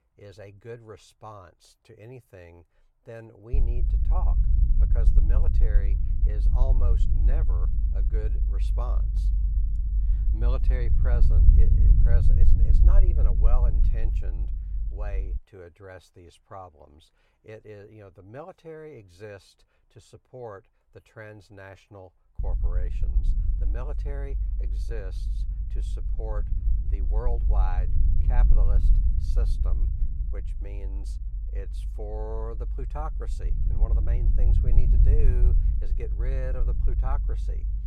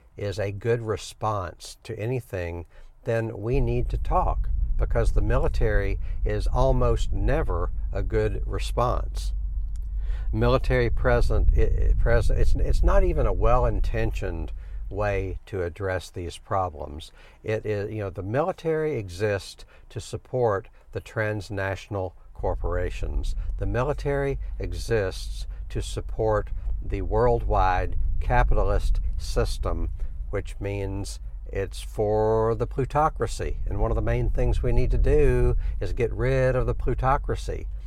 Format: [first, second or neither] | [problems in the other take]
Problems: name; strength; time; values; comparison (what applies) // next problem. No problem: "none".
second | low rumble; loud; from 3.5 to 15 s and from 22 s on; 4 dB below the speech; faint in the second